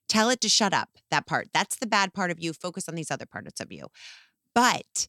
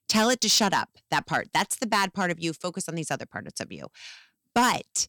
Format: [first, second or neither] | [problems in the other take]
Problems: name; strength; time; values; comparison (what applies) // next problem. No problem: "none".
first | distortion; slight; 3% of the sound clipped